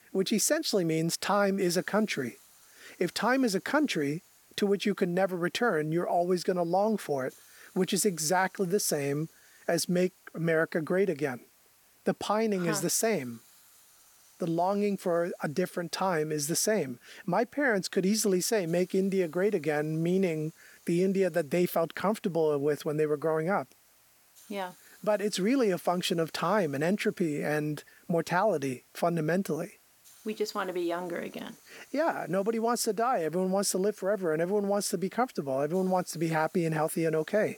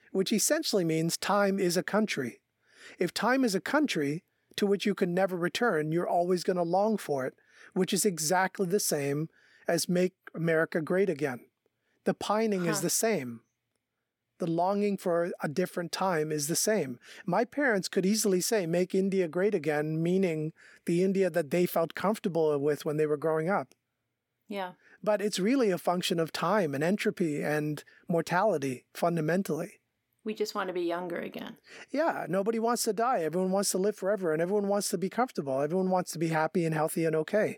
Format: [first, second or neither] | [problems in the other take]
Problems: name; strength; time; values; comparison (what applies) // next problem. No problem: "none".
second | hiss; faint; throughout; 30 dB below the speech